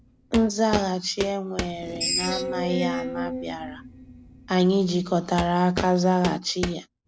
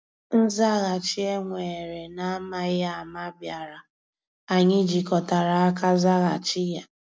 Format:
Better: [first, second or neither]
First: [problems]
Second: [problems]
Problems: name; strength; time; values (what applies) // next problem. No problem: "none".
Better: second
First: background sound (Screech + Walk, footsteps); 7 dB below the speech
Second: none